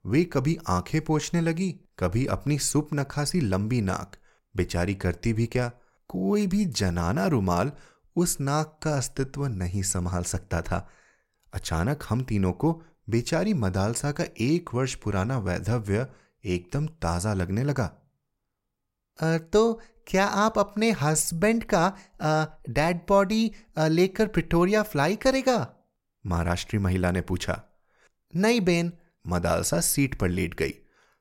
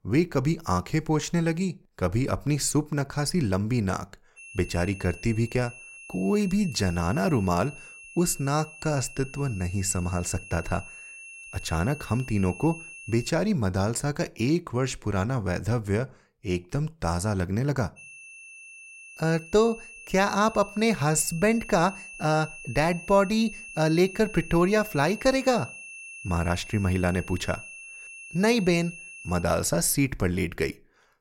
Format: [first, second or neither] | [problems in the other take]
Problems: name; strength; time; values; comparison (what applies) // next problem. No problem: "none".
first | high-pitched whine; noticeable; from 4.5 to 13 s and from 18 to 29 s; 2.5 kHz, 15 dB below the speech